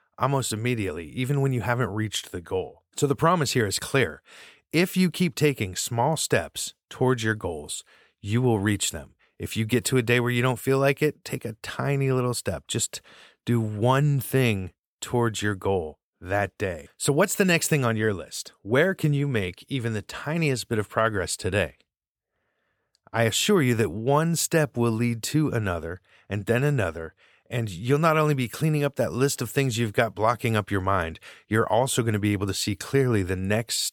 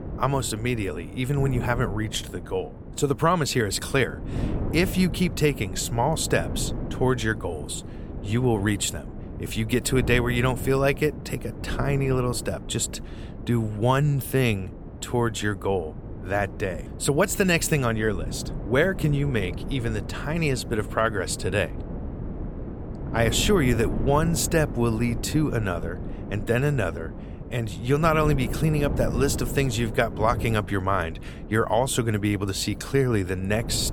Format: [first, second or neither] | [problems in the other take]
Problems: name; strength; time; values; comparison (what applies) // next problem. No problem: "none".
first | wind noise on the microphone; occasional gusts; 15 dB below the speech